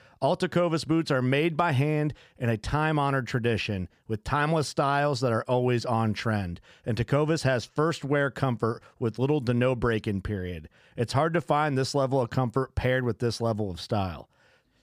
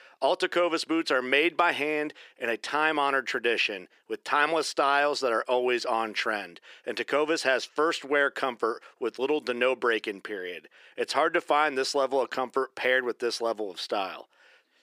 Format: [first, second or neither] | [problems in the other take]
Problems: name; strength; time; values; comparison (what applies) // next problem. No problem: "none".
first | thin; very; fading below 350 Hz